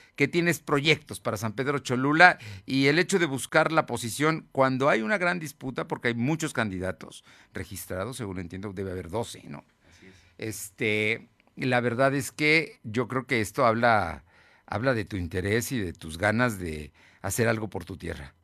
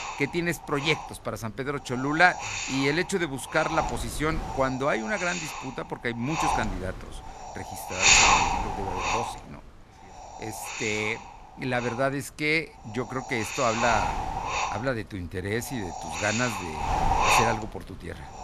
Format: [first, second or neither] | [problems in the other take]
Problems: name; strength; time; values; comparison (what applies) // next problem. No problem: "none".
first | wind noise on the microphone; heavy; 2 dB above the speech